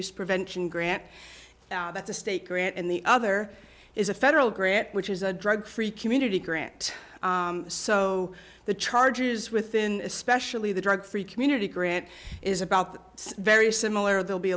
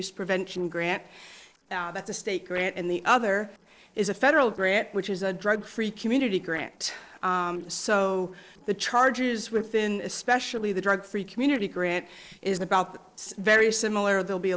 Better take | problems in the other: first | noise reduction (neural separator model SepFormer DNS4)

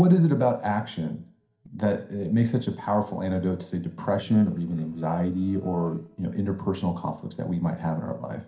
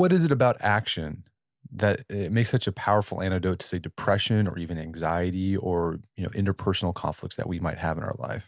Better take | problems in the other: second | noise reduction (neural separator model SepFormer DNS4)

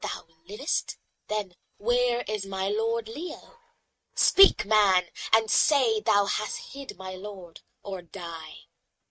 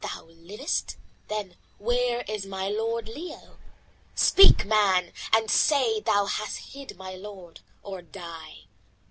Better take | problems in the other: second | noise reduction (neural mask model RNNoise)

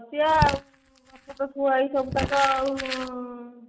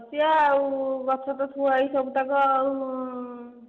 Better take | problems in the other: second | noise reduction (neural mask model RNNoise)

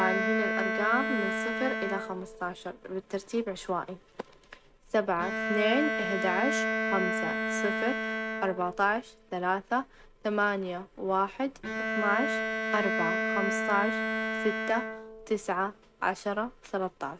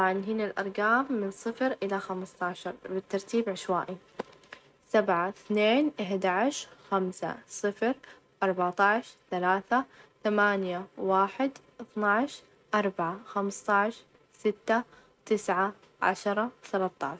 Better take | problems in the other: second | background sound (Bowed string instrument); 1 dB below the speech

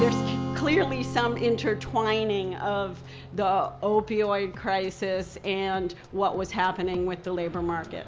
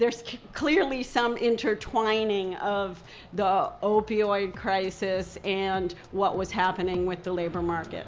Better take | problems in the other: second | background sound (Strum); 9 dB below the speech

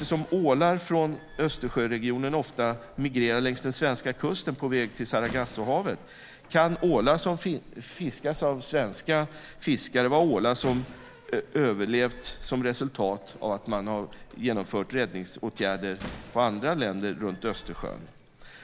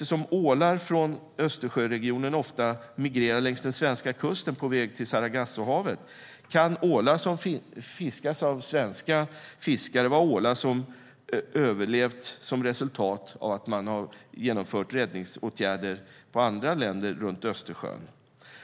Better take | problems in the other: second | background sound (Slam); 18 dB below the speech

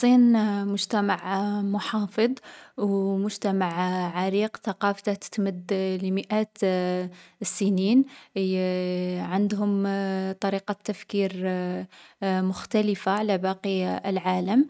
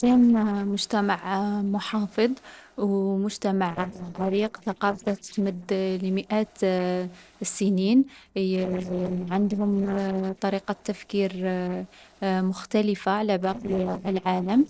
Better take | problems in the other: first | noise reduction (neural separator model SepFormer DNS4)

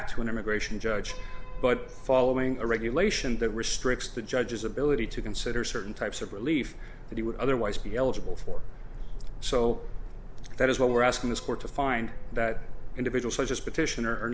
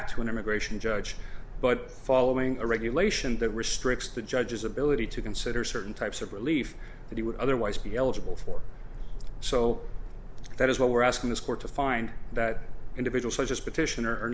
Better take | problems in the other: second | background sound (Piano); 20 dB below the speech

